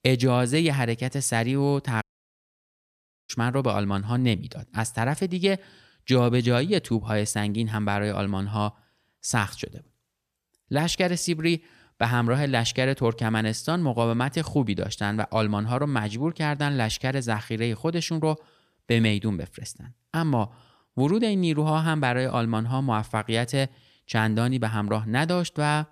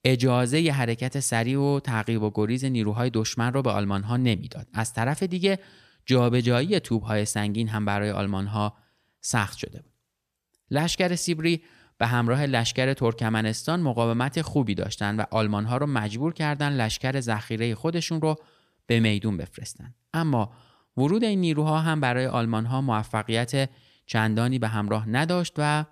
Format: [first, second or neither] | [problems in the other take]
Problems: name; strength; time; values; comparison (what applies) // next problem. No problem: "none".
second | audio cutting out; at 2 s for 1.5 s